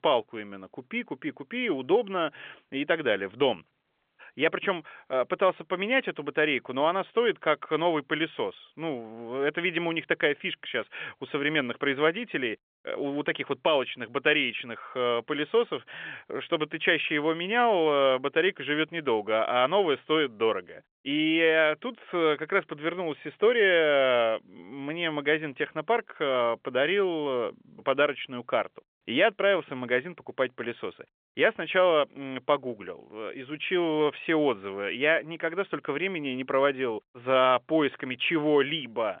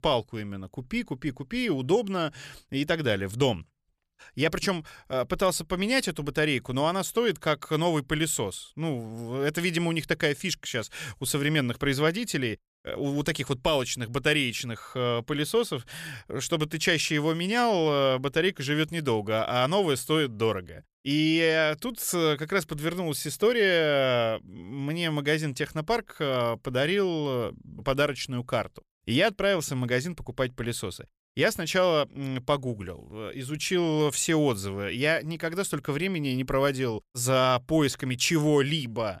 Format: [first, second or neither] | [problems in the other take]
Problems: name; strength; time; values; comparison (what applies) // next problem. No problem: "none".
second | phone-call audio; nothing above 3.5 kHz